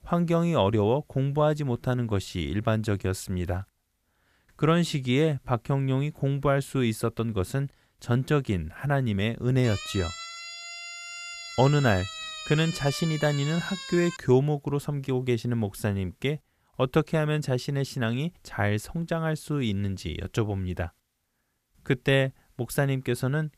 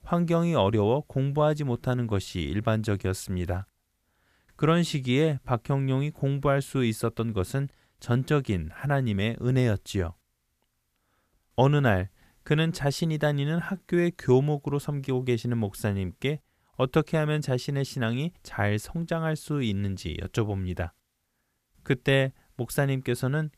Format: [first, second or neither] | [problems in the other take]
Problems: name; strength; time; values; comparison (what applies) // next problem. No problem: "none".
second | siren; noticeable; from 9.5 to 14 s; peak 8 dB below the speech